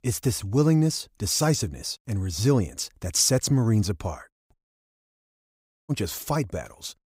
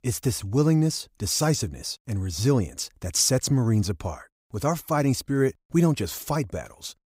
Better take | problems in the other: second | audio cutting out; at 4.5 s for 1.5 s

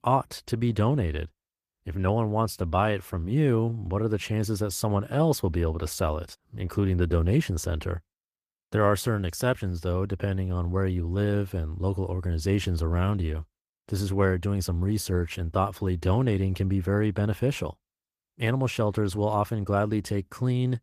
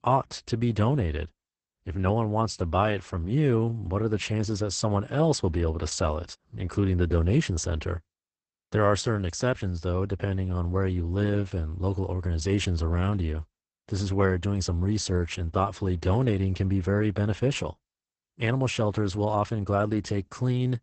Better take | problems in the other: first | garbled, watery; badly; nothing above 8 kHz; slightly in the first

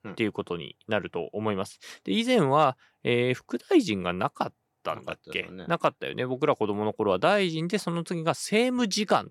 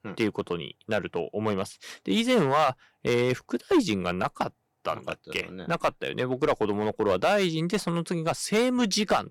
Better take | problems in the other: first | distortion; slight; 3% of the sound clipped

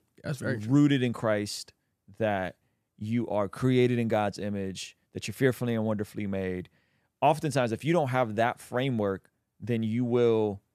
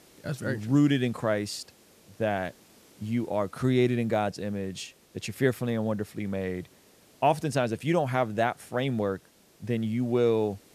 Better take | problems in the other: first | hiss; faint; throughout; 30 dB below the speech

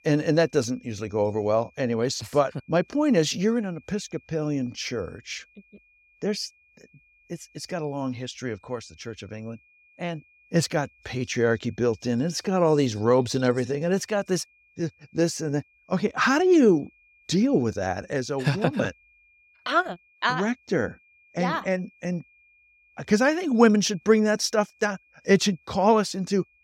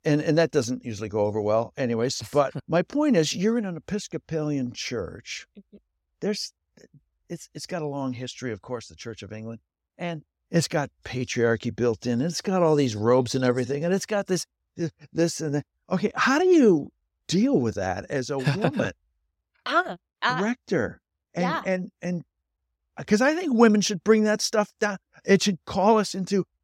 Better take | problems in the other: second | high-pitched whine; faint; throughout; 2.5 kHz, 35 dB below the speech

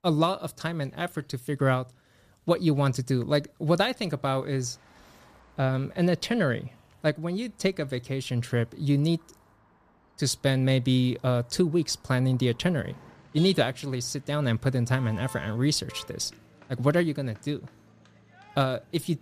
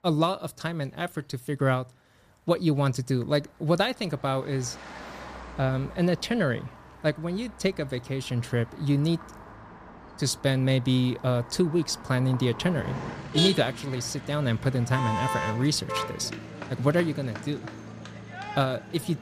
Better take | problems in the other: first | traffic noise; loud; throughout; 9 dB below the speech; faint in the first

